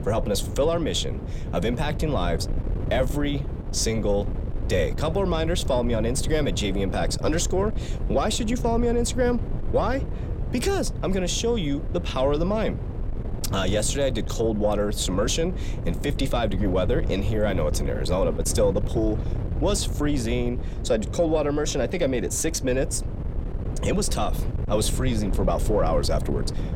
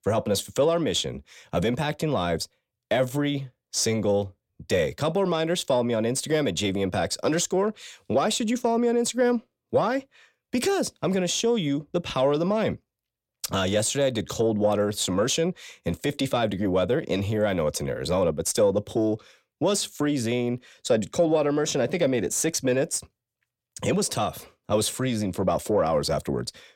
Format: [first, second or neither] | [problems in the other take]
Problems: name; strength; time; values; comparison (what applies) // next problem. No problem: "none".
second | wind noise on the microphone; occasional gusts; 15 dB below the speech